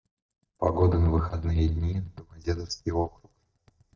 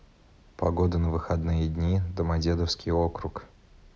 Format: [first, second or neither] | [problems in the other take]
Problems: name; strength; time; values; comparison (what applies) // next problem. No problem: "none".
second | noise reduction (neural mask model DeepFilterNet 3)